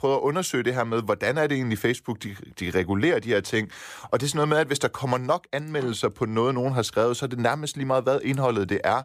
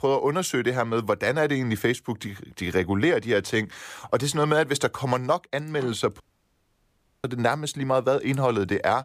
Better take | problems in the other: first | audio cutting out; at 6 s for 1 s

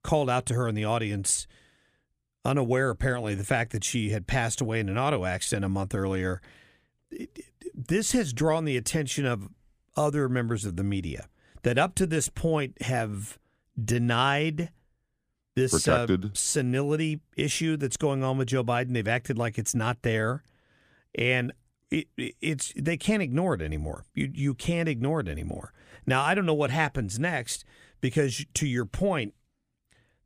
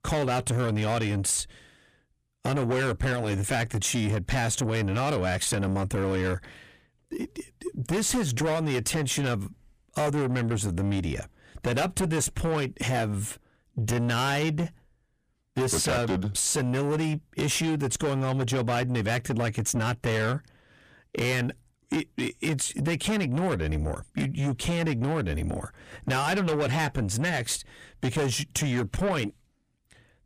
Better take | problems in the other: first | distortion; heavy; 7 dB below the speech

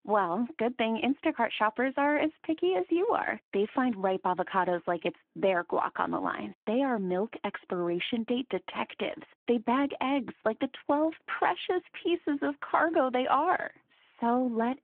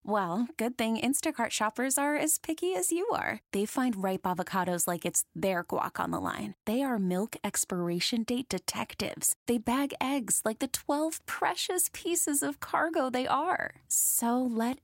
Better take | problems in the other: second | phone-call audio

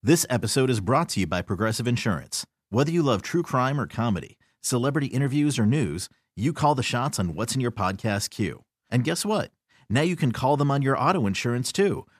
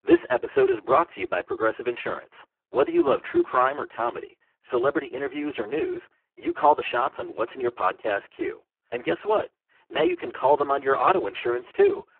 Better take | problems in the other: first | phone-call audio; poor line

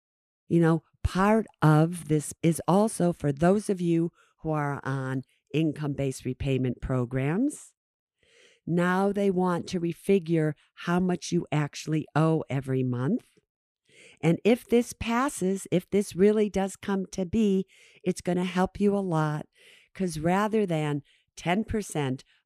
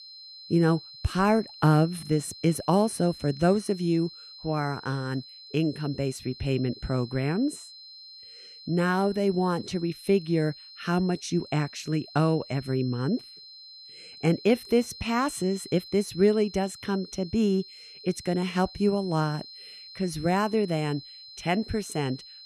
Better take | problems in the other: first | high-pitched whine; noticeable; throughout; 4 kHz, 15 dB below the speech

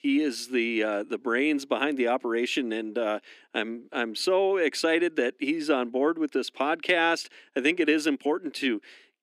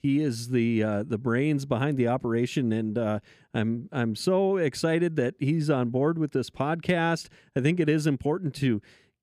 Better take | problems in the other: second | thin; very slightly; fading below 250 Hz

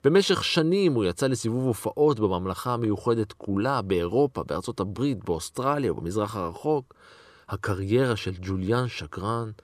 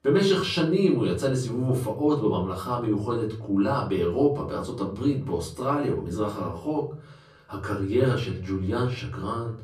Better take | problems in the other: first | off-mic speech; far // room echo; slight; dies away in 0.6 s

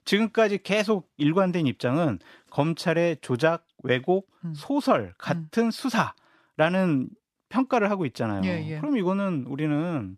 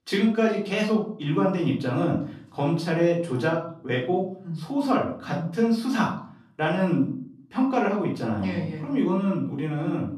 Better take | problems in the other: first | off-mic speech; far // room echo; slight; dies away in 0.4 s

